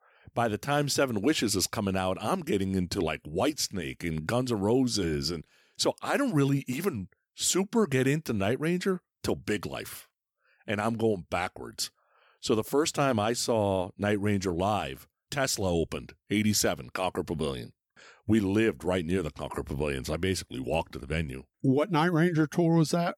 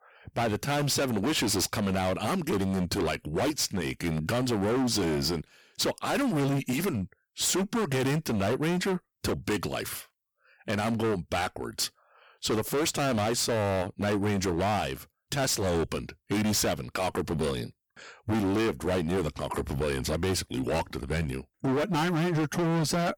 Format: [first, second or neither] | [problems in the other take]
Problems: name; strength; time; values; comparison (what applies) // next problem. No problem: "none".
first | distortion; heavy; 24% of the sound clipped